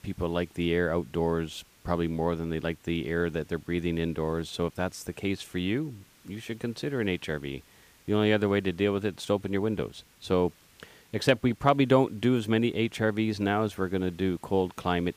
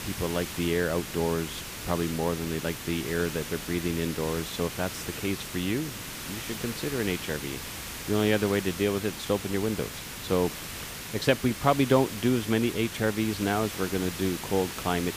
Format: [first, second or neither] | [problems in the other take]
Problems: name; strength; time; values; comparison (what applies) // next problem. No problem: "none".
first | hiss; loud; throughout; 7 dB below the speech; faint in the first